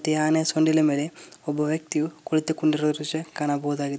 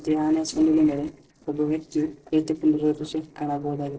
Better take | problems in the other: first | noise reduction (neural separator model SepFormer DNS4)

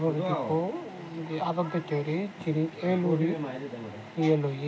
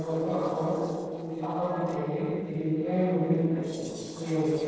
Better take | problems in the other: first | noise reduction (neural separator model SepFormer DNS4)

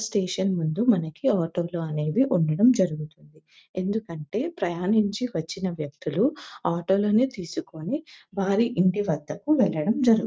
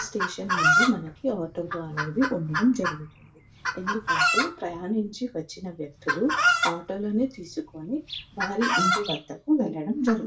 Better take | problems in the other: first | background sound (Chicken, rooster); as loud as the speech // room echo; dies away in 0.2 s

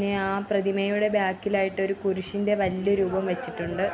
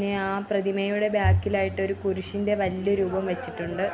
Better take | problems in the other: first | background sound (Bowed string instrument); 4 dB below the speech

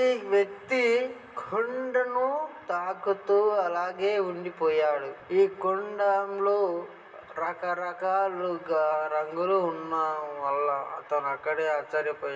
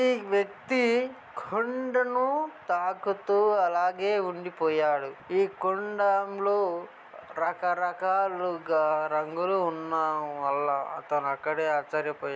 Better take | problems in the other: second | room echo; dies away in 2.9 s

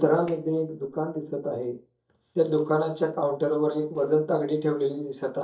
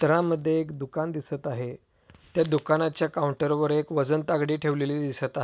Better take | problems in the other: second | noise reduction (neural mask model DeepFilterNet 3)

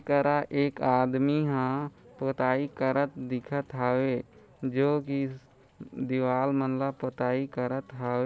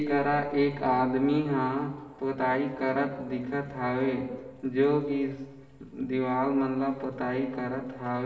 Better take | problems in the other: first | room echo; dies away in 1.1 s

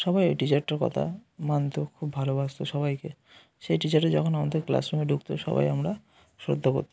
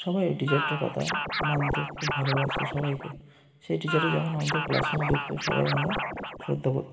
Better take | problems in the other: first | background sound (Scratching (performance technique)); 2 dB below the speech // room echo; dies away in 1.5 s

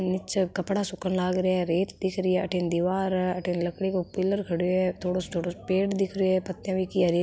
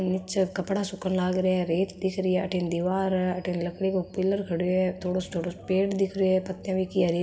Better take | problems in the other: first | room echo; dies away in 2.8 s

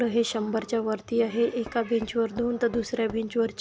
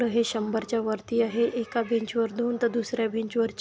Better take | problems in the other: second | background sound (Knock / Wood); 20 dB below the speech

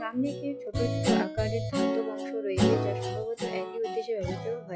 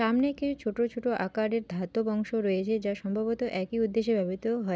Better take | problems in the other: second | noise reduction (classical method log-MMSE)

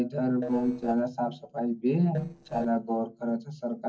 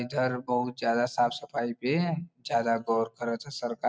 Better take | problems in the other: second | noise reduction (neural separator model SepFormer DNS4)

